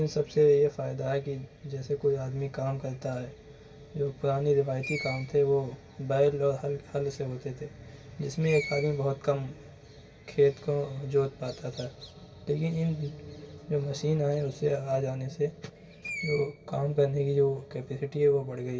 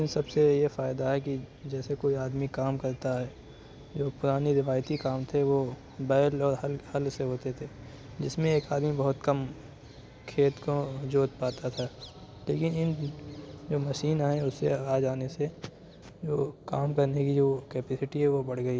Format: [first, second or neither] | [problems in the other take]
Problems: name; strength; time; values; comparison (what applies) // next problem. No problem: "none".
second | background sound (Screech); 16 dB below the speech // room echo; dies away in 0.1 s